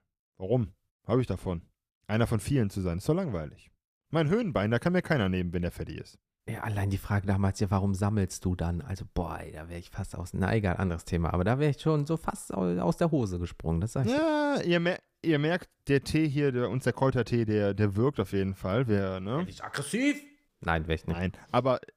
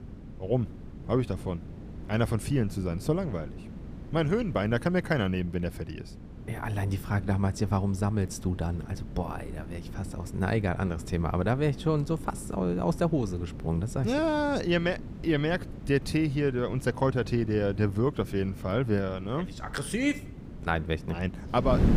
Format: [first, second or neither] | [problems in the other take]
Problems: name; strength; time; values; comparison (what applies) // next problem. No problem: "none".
first | wind noise on the microphone; occasional gusts; 15 dB below the speech